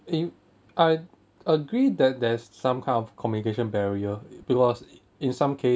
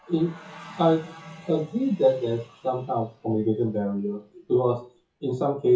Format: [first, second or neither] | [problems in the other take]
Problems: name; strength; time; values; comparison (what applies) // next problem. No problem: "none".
first | noise reduction (classical method WPE with log-MMSE)